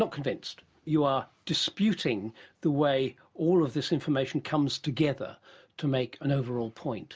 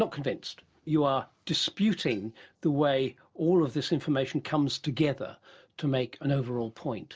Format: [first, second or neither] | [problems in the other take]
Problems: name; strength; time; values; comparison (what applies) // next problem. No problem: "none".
first | noise reduction (neural separator model SepFormer DNS4)